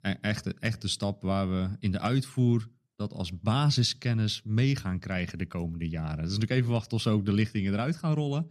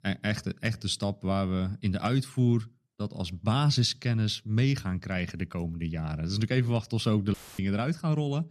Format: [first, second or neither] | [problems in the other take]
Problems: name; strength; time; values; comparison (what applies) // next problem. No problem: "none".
first | audio cutting out; filled with static; at 7.5 s